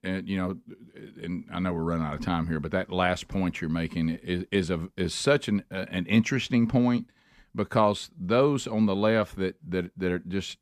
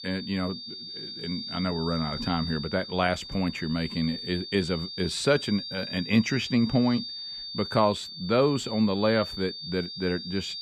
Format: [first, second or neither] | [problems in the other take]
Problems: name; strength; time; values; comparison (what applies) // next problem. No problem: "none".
first | high-pitched whine; loud; throughout; 4.5 kHz, 8 dB below the speech